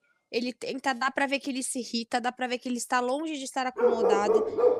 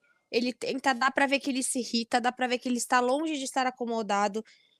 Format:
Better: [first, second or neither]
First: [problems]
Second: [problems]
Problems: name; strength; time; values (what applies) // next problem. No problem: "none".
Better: second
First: animal sounds; very loud; at 4 s; 5 dB above the speech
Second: none